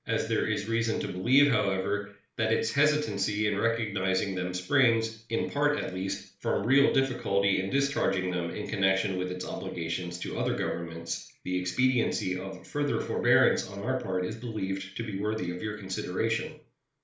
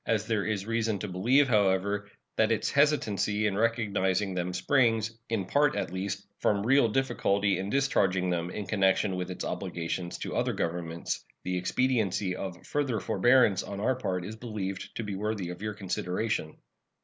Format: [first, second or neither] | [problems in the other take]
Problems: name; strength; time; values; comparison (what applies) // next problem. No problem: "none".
second | room echo; dies away in 0.4 s